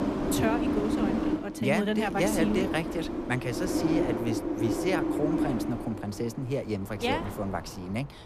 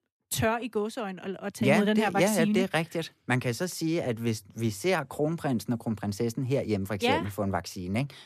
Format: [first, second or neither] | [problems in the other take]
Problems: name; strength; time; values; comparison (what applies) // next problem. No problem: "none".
second | wind noise on the microphone; heavy; 1 dB below the speech